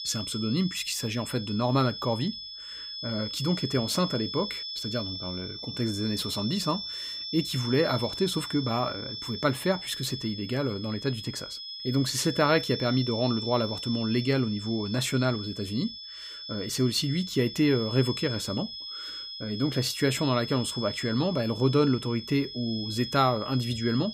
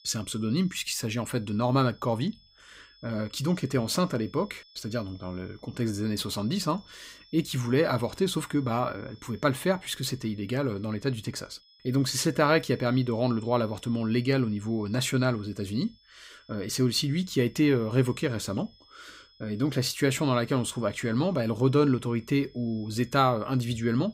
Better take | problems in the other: second | high-pitched whine; loud; throughout; 5.5 kHz, 7 dB below the speech; faint in the second

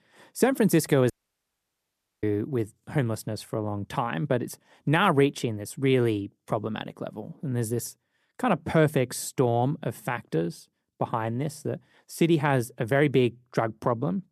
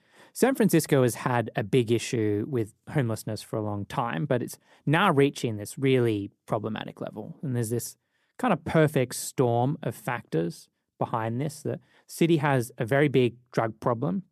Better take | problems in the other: second | audio cutting out; at 1 s for 1 s

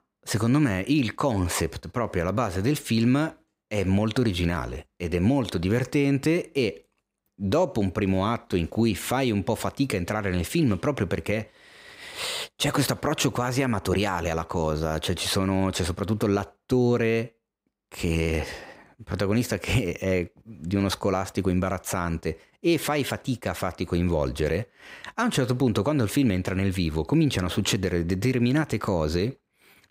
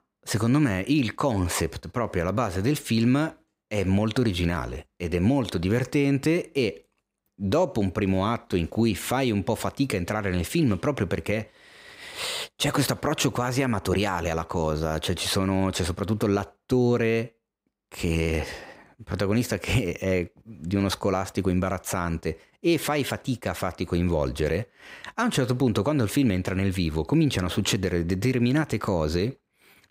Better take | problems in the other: neither | none

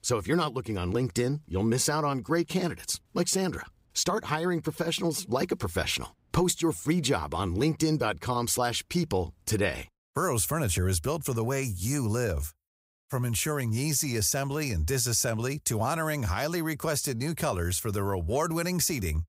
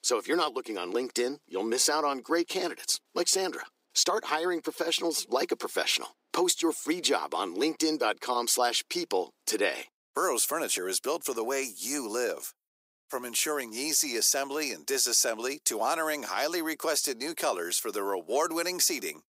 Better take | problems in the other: first | thin; somewhat; fading below 300 Hz

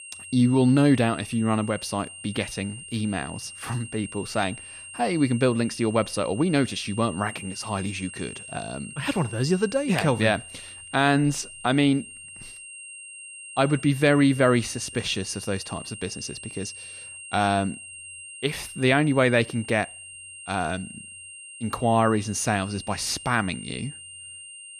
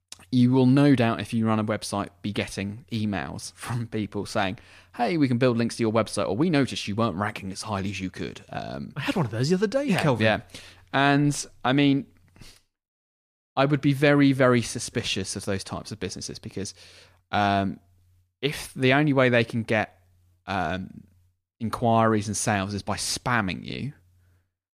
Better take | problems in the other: second | high-pitched whine; noticeable; throughout; 3 kHz, 15 dB below the speech

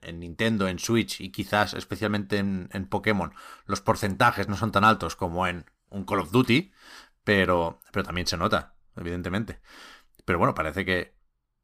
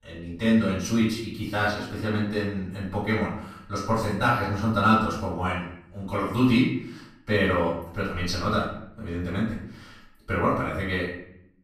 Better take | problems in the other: first | room echo; noticeable; dies away in 0.6 s // off-mic speech; far

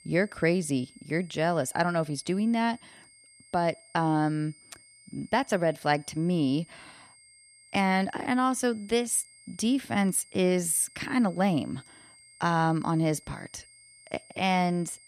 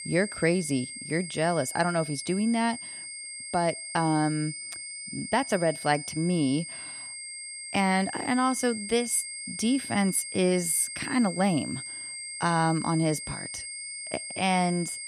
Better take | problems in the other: first | high-pitched whine; loud; throughout; 8.5 kHz, 8 dB below the speech; faint in the first

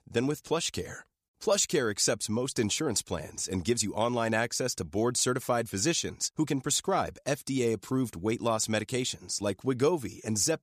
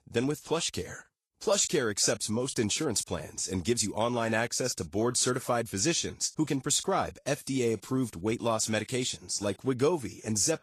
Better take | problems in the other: first | garbled, watery; slightly; nothing above 12.5 kHz

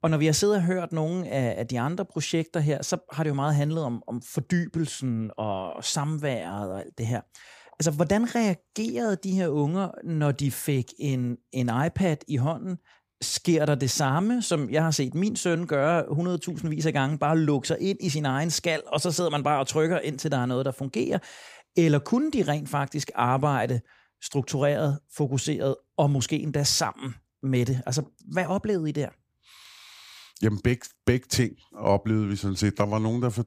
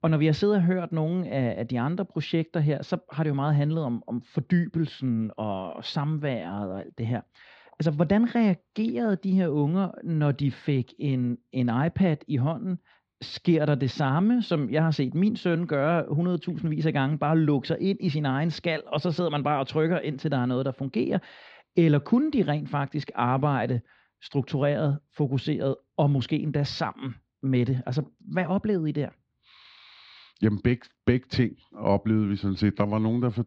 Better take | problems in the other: first | muffled; slightly; fading above 4 kHz

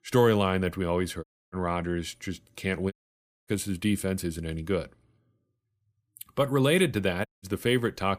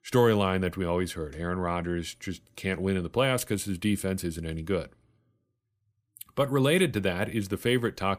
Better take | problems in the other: second | audio cutting out; at 1 s, at 3 s for 0.5 s and at 7.5 s

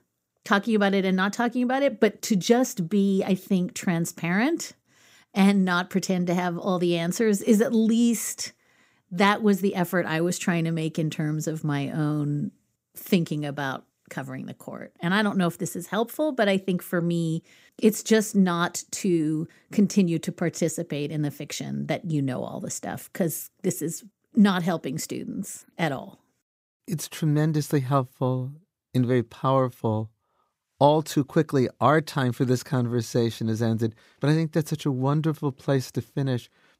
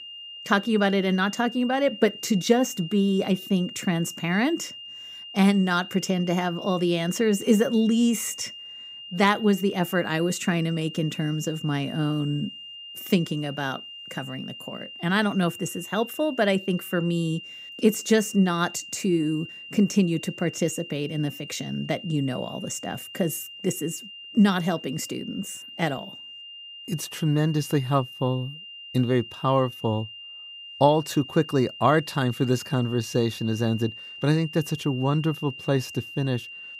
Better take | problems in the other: first | high-pitched whine; noticeable; throughout; 3 kHz, 15 dB below the speech

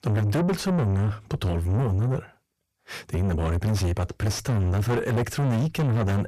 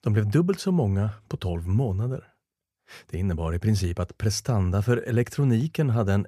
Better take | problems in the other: second | distortion; heavy; 6 dB below the speech

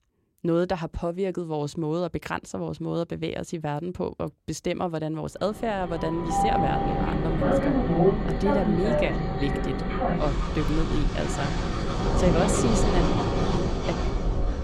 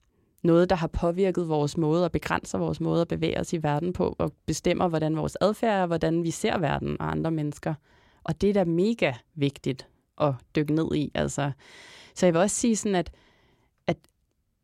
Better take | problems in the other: second | train or aircraft noise; very loud; from 6 s on; 3 dB above the speech

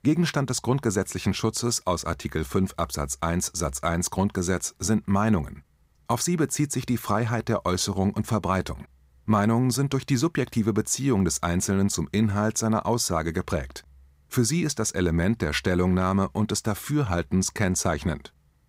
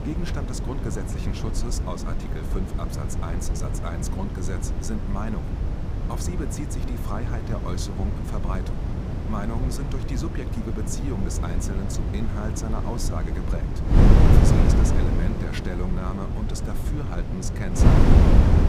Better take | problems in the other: first | wind noise on the microphone; heavy; 3 dB above the speech

